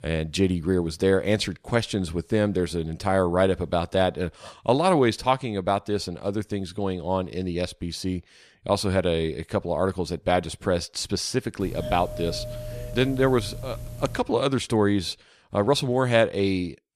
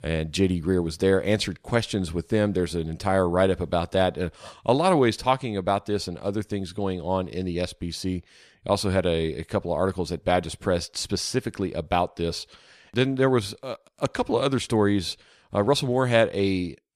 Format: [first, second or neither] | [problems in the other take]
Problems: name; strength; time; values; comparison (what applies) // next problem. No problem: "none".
second | doorbell; noticeable; from 12 to 14 s; peak 9 dB below the speech